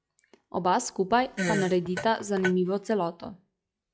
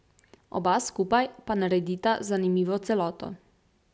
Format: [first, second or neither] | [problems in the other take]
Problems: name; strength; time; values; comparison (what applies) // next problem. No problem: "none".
second | noise reduction (classical method log-MMSE)